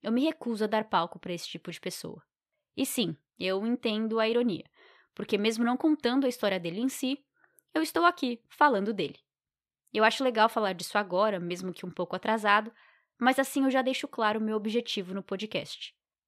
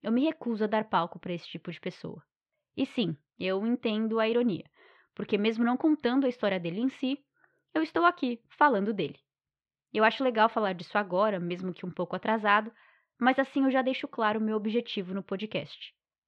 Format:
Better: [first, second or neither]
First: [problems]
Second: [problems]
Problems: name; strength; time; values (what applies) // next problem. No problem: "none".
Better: first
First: none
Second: muffled; slightly; fading above 3 kHz